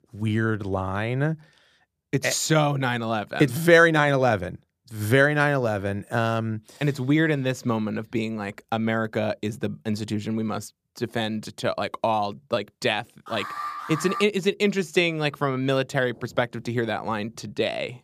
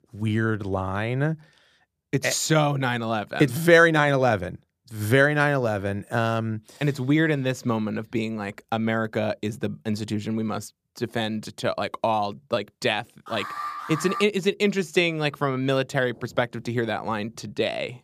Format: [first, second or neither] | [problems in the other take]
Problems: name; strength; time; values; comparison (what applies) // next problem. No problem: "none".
neither | alarm; noticeable; at 13 s; peak 7 dB below the speech; the same in both